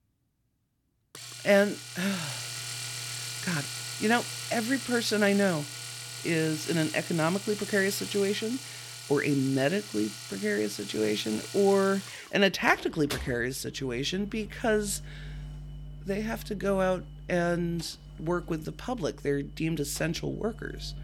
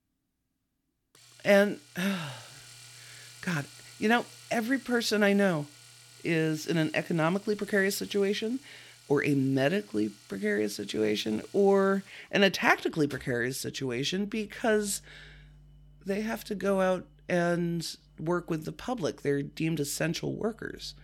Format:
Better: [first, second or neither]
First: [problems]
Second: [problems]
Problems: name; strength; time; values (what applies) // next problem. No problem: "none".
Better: second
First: household noises; loud; throughout; 10 dB below the speech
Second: household noises; faint; throughout; 25 dB below the speech